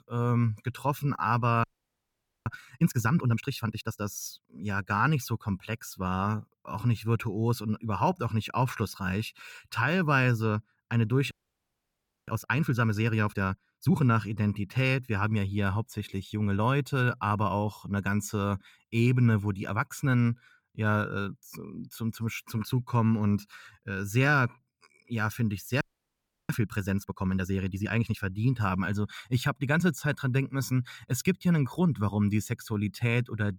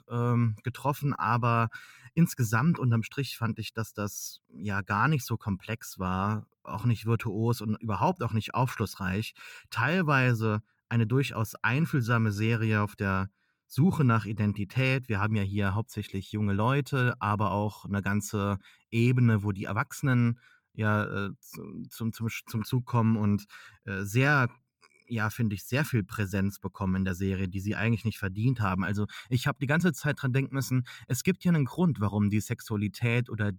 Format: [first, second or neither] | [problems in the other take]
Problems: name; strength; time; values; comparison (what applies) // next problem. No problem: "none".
second | audio freezing; at 1.5 s for 1 s, at 11 s for 1 s and at 26 s for 0.5 s